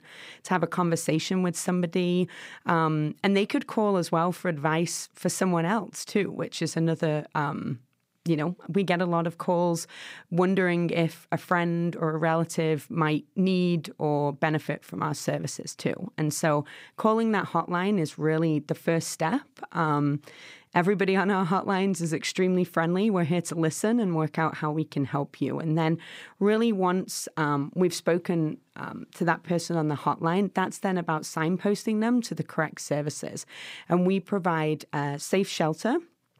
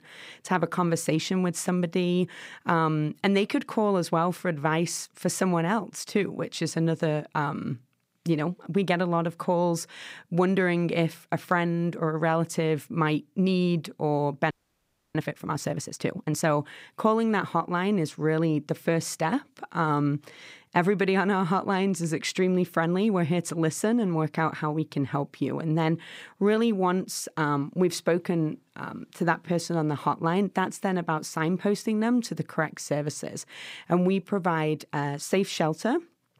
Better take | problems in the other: first | audio freezing; at 15 s for 0.5 s

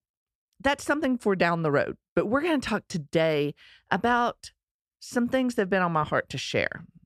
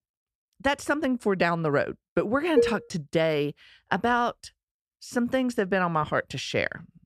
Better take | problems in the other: first | clattering dishes; loud; at 2.5 s; peak 2 dB above the speech

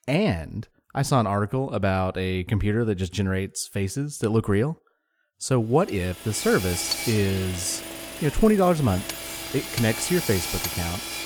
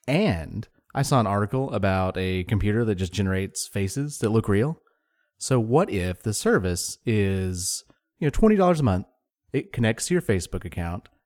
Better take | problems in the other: second | machinery noise; loud; from 6 s on; 6 dB below the speech

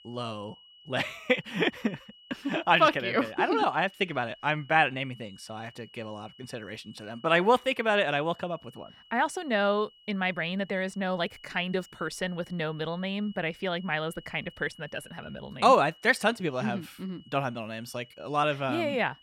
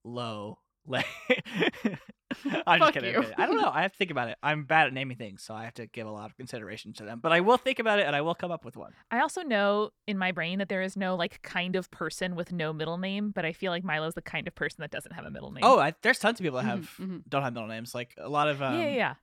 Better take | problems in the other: second | high-pitched whine; faint; throughout; 3 kHz, 25 dB below the speech

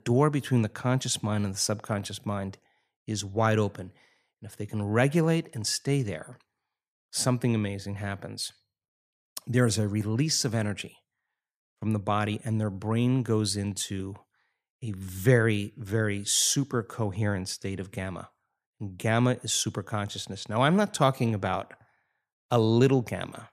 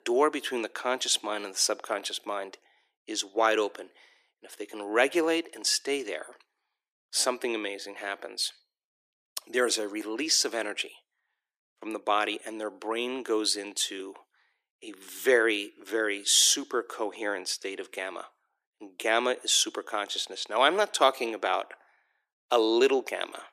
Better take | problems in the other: first | thin; very; fading below 350 Hz

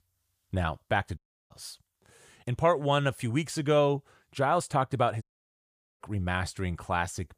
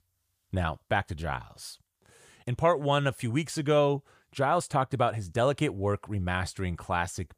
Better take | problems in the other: second | audio cutting out; at 1 s and at 5 s for 1 s

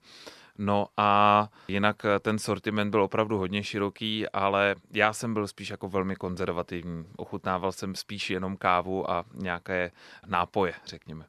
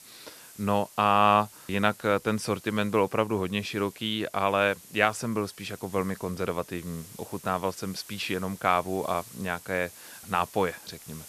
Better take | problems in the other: first | hiss; noticeable; throughout; 20 dB below the speech

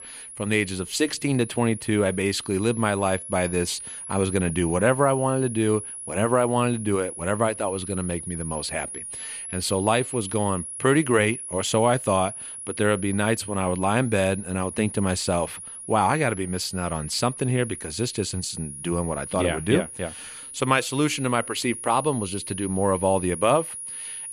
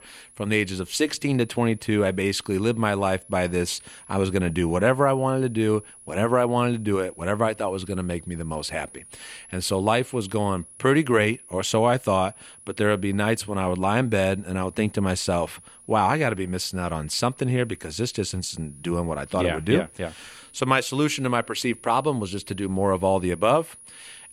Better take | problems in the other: second | high-pitched whine; loud; throughout; 10.5 kHz, 10 dB below the speech; faint in the second

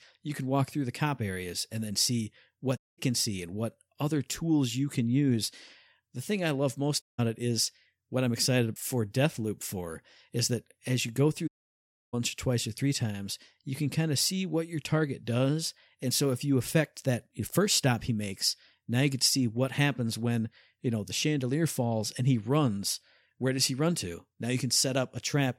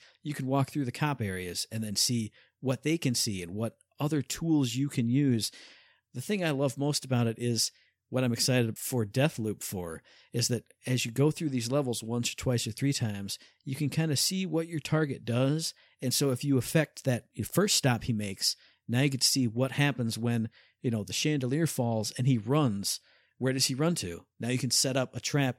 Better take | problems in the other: second | audio cutting out; at 3 s, at 7 s and at 11 s for 0.5 s

